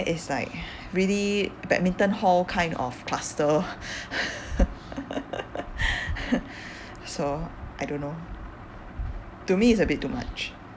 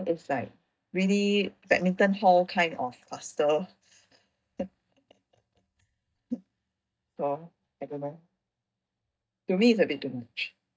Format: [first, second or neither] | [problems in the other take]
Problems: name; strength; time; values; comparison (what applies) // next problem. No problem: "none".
first | noise reduction (neural mask model DeepFilterNet 3)